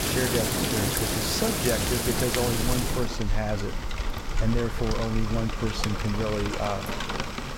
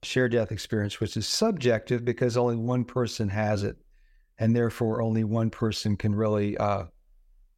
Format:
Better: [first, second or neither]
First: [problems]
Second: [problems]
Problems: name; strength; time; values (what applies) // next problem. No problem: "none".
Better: second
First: rain or running water; very loud; throughout; 1 dB above the speech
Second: none